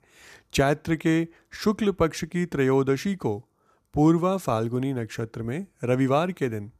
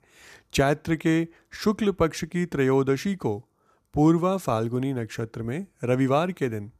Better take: neither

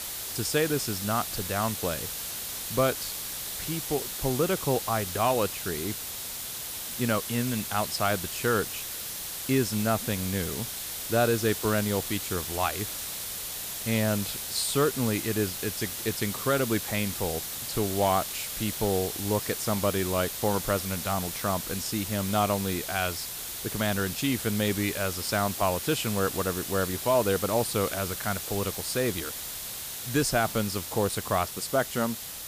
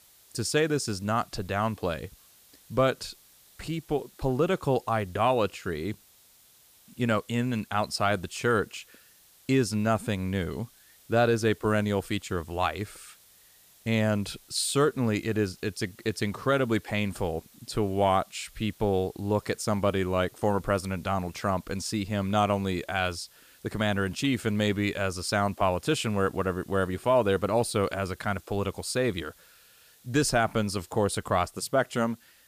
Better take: second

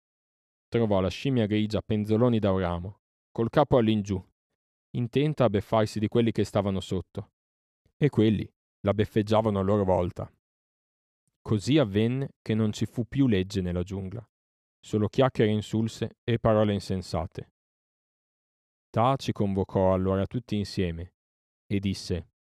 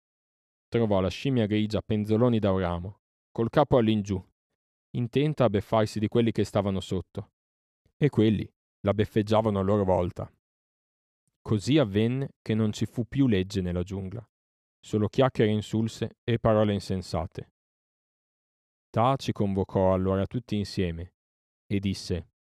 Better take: neither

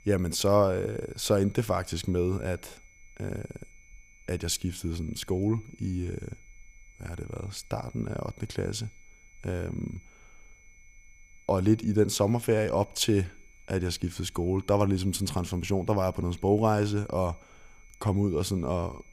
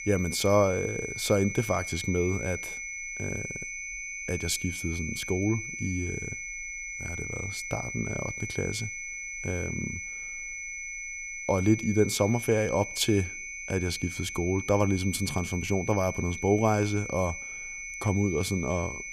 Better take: first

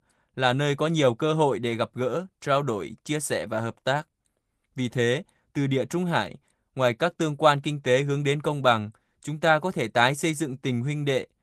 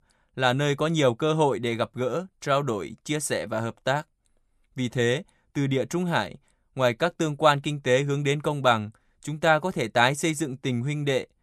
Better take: second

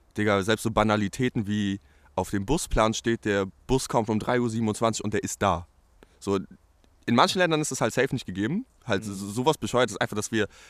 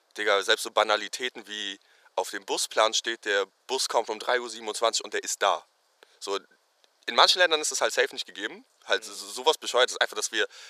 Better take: first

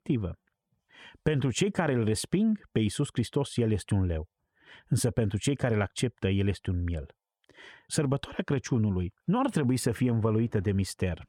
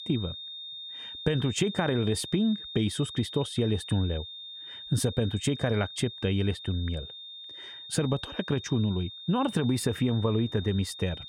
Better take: first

